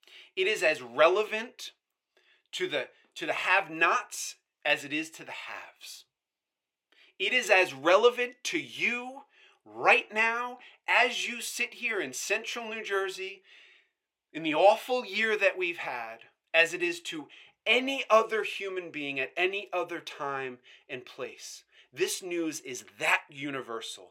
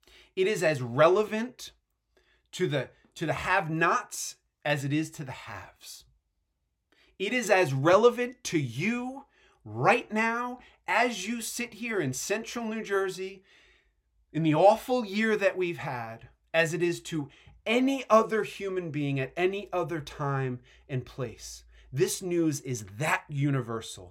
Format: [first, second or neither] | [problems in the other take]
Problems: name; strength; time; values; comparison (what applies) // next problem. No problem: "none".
second | thin; somewhat; fading below 450 Hz